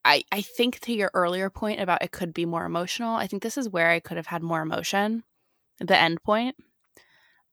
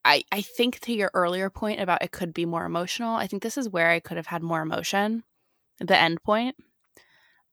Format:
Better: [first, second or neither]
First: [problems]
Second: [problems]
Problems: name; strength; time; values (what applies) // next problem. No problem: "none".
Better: neither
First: none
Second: none